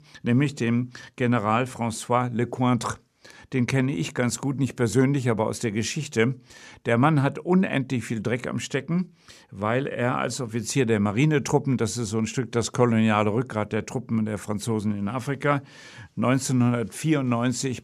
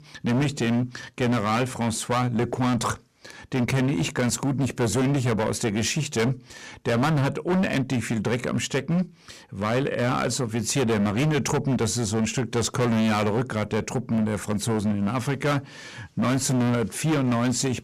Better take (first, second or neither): first